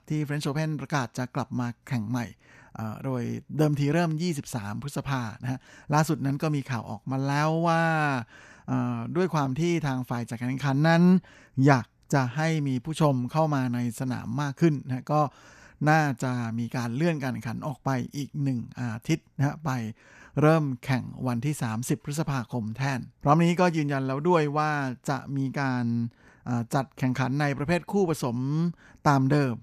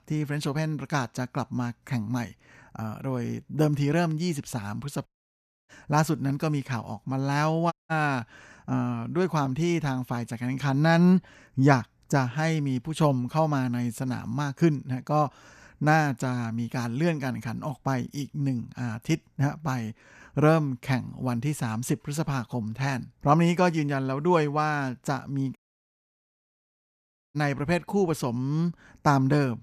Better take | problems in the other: first | audio cutting out; at 5 s for 0.5 s, at 7.5 s and at 26 s for 2 s

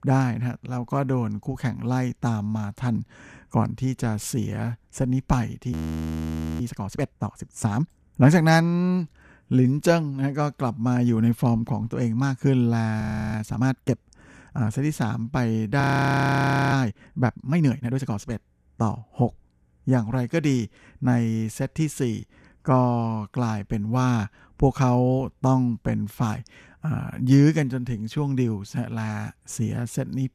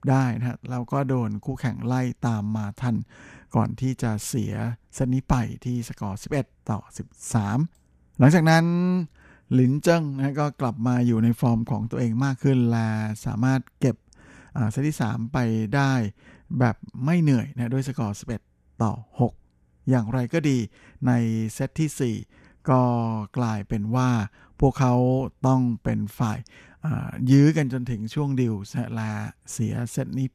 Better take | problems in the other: second | audio freezing; at 5.5 s for 1 s, at 13 s and at 16 s for 1 s

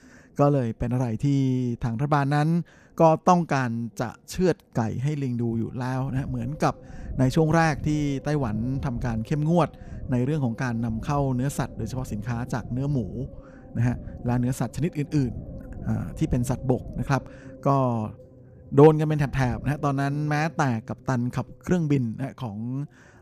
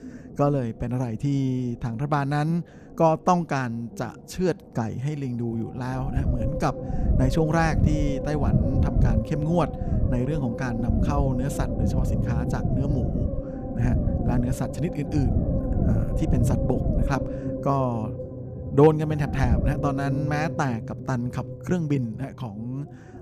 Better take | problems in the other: first | low rumble; loud; throughout; 5 dB below the speech; faint in the first

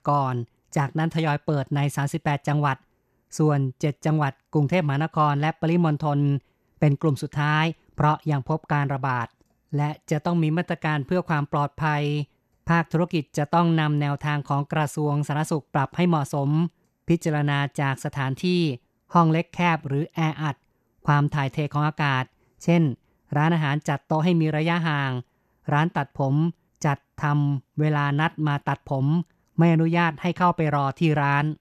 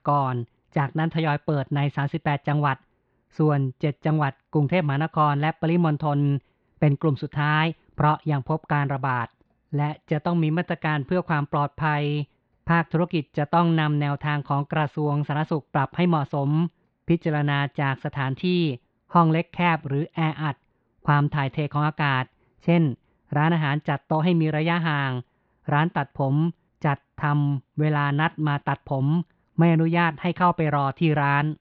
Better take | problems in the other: first | muffled; slightly; fading above 4 kHz

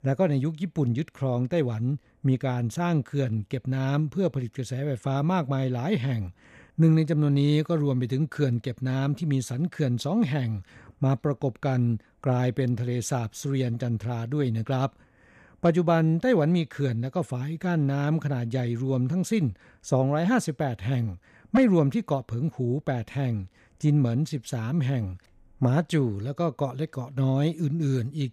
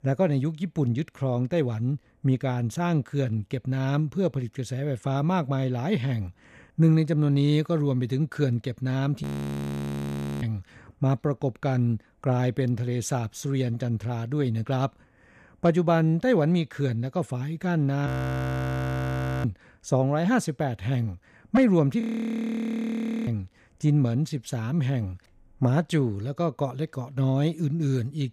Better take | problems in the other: first | audio freezing; at 9 s for 1 s, at 18 s for 1.5 s and at 22 s for 1.5 s

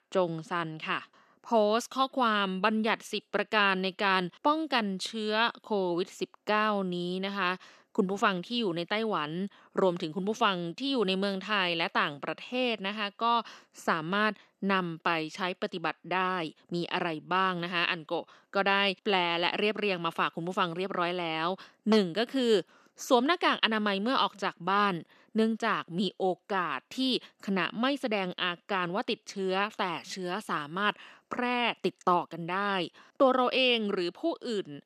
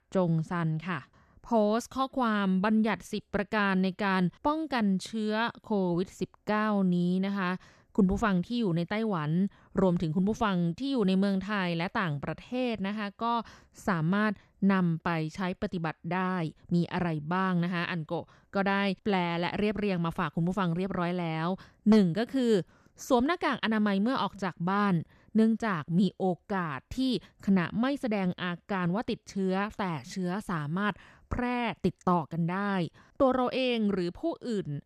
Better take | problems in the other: second | thin; somewhat; fading below 250 Hz

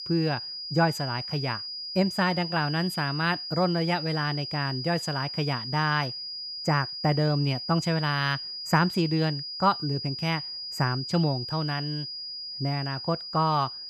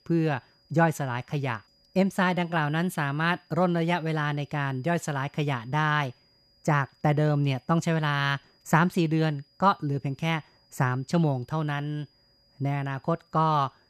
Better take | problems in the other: second | high-pitched whine; loud; throughout; 5 kHz, 6 dB below the speech; faint in the second

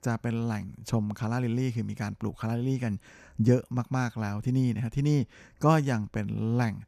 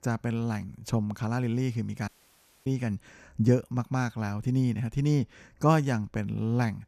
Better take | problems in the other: first | audio cutting out; at 2 s for 0.5 s

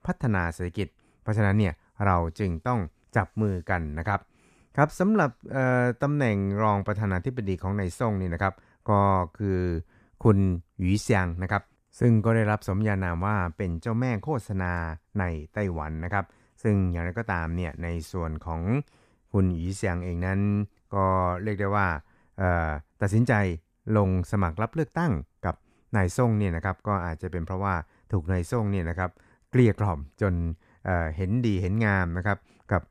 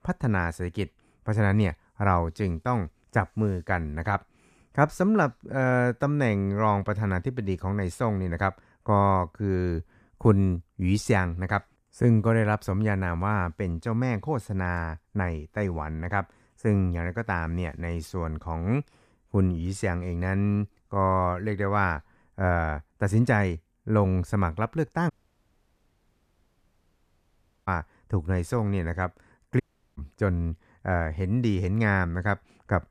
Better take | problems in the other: first | audio cutting out; at 25 s for 2.5 s and at 30 s

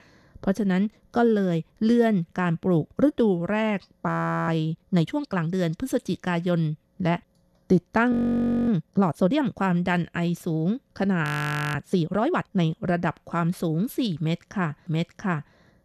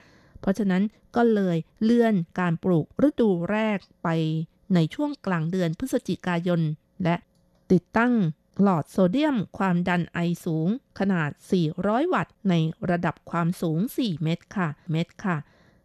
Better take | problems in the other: second | audio freezing; at 4 s, at 8 s for 0.5 s and at 11 s for 0.5 s

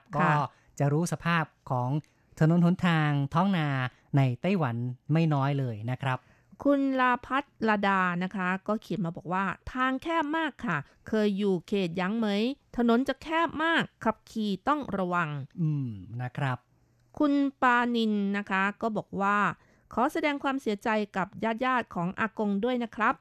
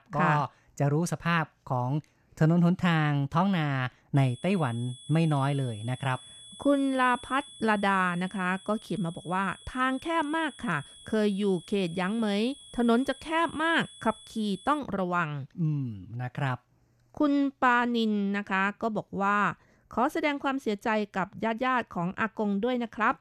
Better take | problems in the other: first | high-pitched whine; noticeable; from 4 to 15 s; 3.5 kHz, 20 dB below the speech

